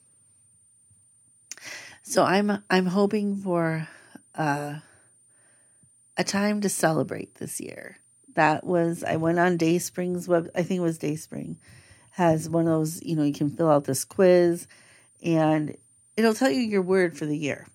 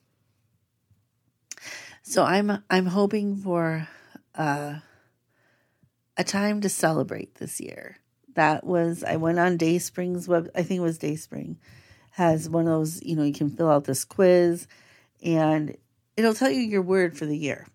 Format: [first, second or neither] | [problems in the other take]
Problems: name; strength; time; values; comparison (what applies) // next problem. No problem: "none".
second | high-pitched whine; faint; throughout; 9 kHz, 30 dB below the speech